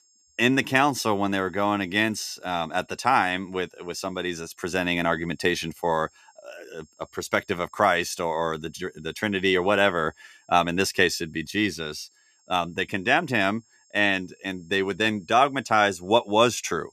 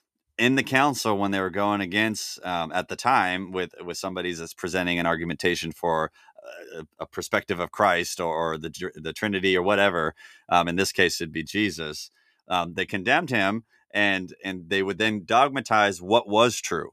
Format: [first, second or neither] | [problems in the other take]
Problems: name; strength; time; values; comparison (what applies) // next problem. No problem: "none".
second | high-pitched whine; faint; throughout; 7.5 kHz, 35 dB below the speech